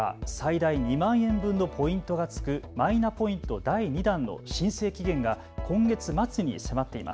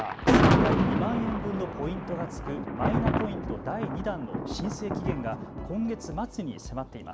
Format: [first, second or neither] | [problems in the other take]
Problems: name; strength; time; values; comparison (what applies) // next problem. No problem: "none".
first | background sound (Thunder); 5 dB above the speech